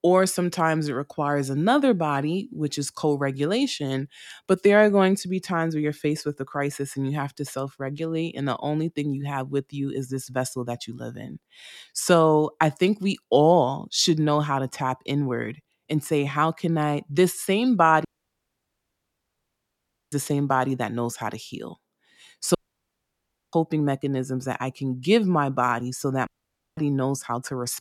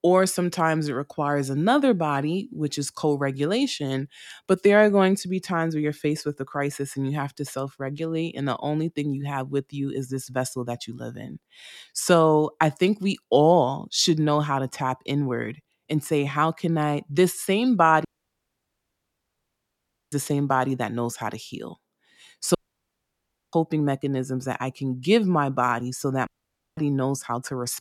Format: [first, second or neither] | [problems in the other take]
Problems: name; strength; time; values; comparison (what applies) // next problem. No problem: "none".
neither | audio cutting out; at 18 s for 2 s, at 23 s for 1 s and at 26 s for 0.5 s; the same in both